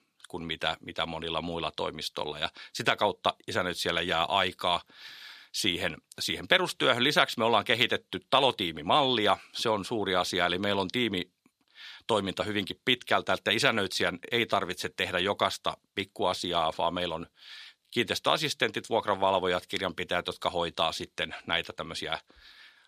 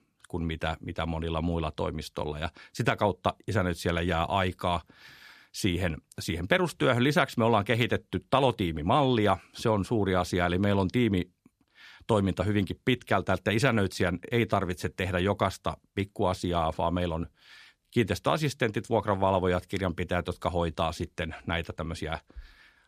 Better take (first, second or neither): second